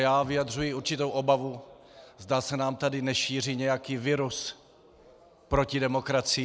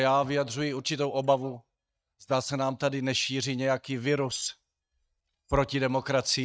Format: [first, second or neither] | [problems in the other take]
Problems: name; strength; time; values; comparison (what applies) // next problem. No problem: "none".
first | noise reduction (neural mask model DeepFilterNet 3)